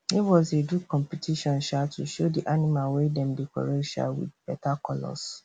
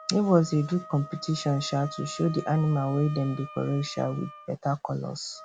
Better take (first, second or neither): first